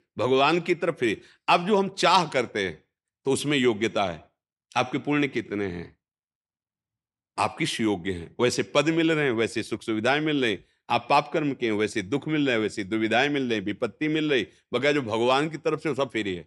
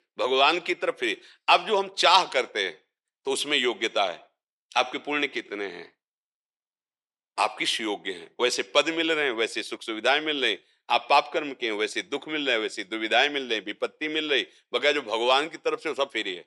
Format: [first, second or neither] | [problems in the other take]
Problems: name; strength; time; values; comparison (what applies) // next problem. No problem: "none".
first | thin; somewhat; fading below 500 Hz